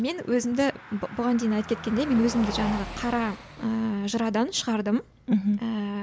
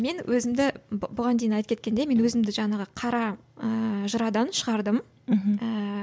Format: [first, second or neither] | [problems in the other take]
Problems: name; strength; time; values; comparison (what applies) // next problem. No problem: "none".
second | background sound (Car passing by); 14 dB below the speech